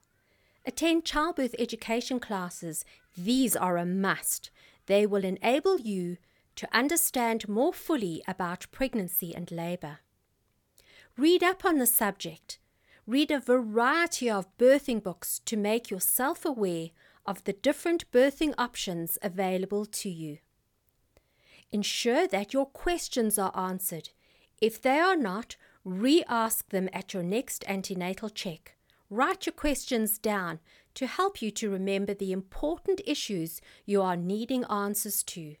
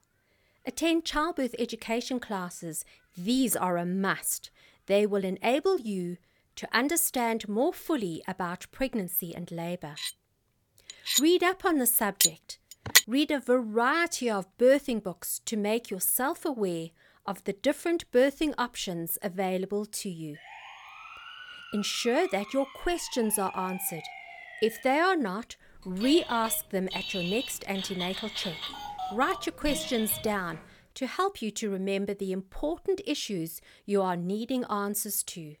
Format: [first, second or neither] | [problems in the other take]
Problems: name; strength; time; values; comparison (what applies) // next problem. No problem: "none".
first | clattering dishes; loud; from 10 to 13 s; peak 8 dB above the speech // siren; faint; from 20 to 25 s; peak 15 dB below the speech // phone ringing; noticeable; from 26 to 31 s; peak 4 dB below the speech